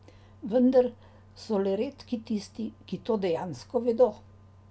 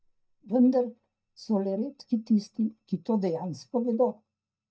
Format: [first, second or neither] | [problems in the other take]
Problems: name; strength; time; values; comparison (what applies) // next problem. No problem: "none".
first | noise reduction (neural mask model DeepFilterNet 3)